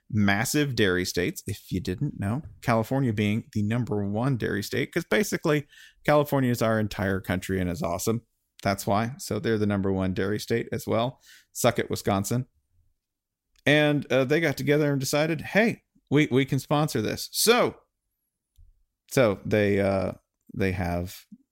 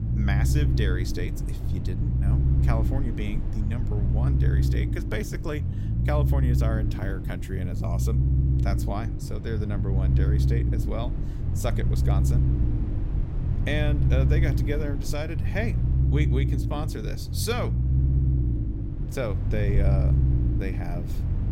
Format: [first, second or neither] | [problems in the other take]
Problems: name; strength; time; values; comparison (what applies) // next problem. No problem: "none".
first | low rumble; loud; throughout; 3 dB below the speech